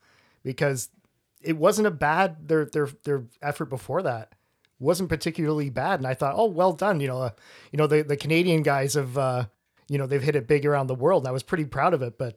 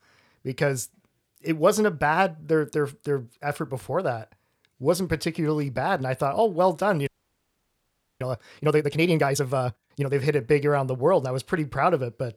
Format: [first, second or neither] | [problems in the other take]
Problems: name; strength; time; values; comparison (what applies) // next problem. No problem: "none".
first | audio freezing; at 7 s for 1 s